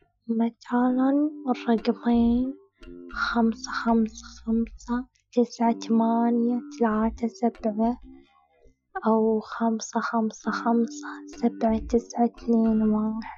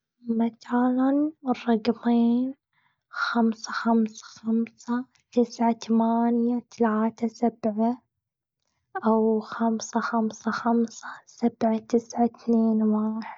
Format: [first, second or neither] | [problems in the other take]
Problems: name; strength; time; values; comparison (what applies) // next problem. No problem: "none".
second | noise reduction (classical method Wiener filter)